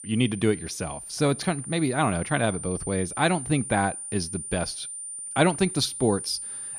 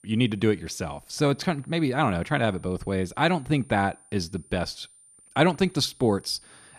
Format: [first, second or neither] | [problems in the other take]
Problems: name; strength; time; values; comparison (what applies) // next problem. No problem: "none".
second | high-pitched whine; loud; throughout; 9 kHz, 8 dB below the speech; faint in the second